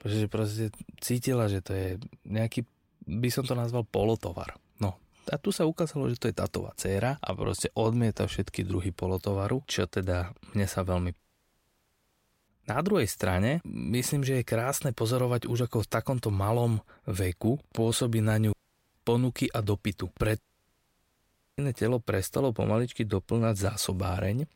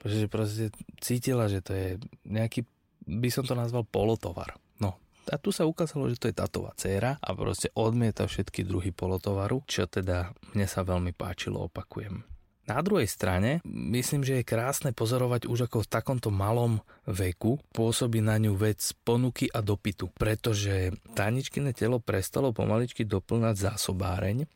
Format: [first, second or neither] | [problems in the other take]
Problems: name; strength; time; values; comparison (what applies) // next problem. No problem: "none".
second | audio cutting out; at 11 s for 1.5 s, at 19 s and at 20 s for 1 s